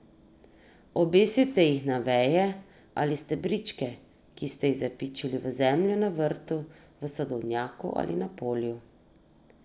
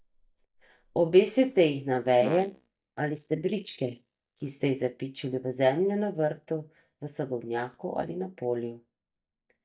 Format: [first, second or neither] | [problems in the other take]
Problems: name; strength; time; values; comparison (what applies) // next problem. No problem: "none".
first | noise reduction (neural mask model DeepFilterNet 3)